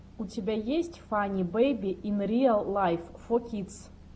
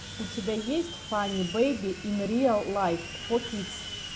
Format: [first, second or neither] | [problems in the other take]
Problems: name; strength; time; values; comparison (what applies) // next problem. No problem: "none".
first | background sound (Sawing); 11 dB below the speech